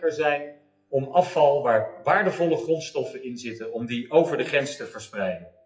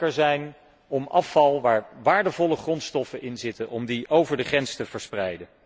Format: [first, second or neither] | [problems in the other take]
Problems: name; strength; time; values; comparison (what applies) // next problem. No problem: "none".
second | noise reduction (classical method WPE with log-MMSE)